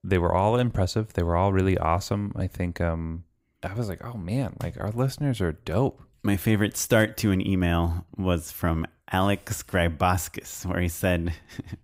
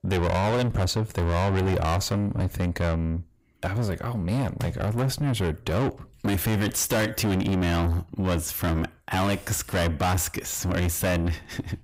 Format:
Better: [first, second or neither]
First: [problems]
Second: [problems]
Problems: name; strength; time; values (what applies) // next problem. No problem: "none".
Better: first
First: none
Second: distortion; heavy; 6 dB below the speech